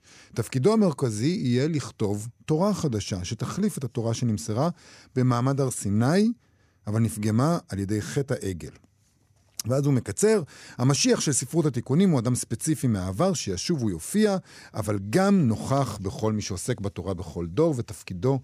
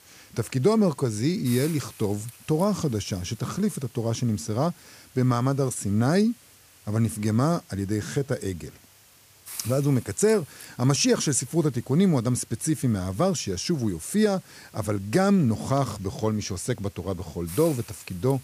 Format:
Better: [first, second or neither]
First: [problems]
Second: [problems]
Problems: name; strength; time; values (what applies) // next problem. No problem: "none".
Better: first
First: none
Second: hiss; faint; throughout; 20 dB below the speech